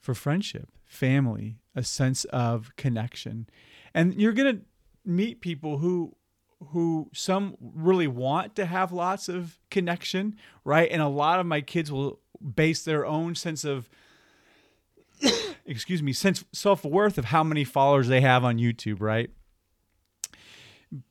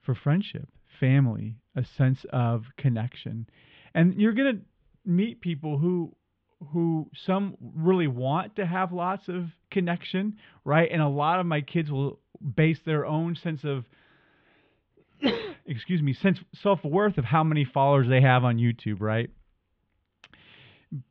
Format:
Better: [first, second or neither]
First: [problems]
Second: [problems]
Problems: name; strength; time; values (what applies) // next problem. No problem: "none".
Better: first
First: none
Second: muffled; very; fading above 3.5 kHz